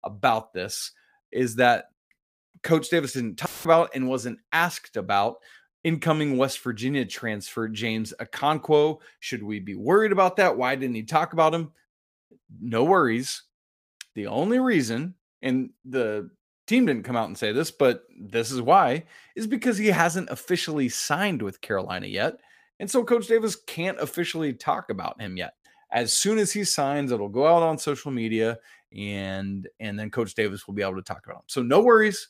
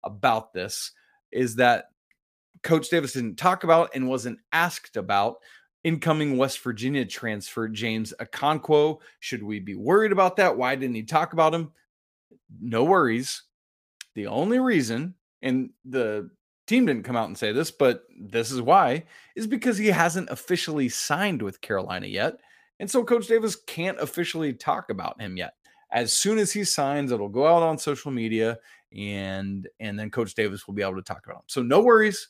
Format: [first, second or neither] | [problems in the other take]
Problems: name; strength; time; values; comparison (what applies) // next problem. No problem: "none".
second | audio cutting out; filled with static; at 3.5 s